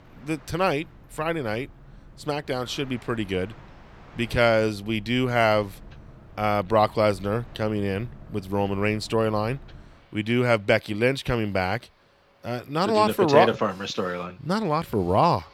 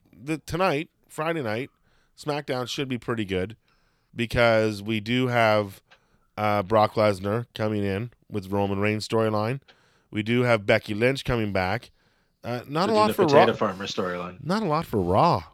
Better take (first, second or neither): second